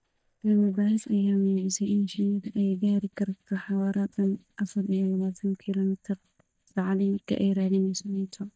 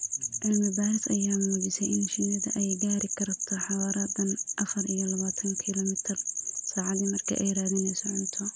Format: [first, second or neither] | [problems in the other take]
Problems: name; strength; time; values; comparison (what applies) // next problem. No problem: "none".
second | noise reduction (neural mask model DeepFilterNet 3)